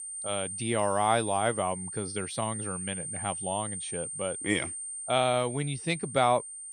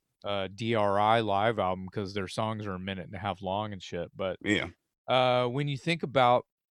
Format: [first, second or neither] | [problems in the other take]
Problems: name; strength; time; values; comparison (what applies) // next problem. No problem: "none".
second | high-pitched whine; loud; throughout; 9 kHz, 5 dB below the speech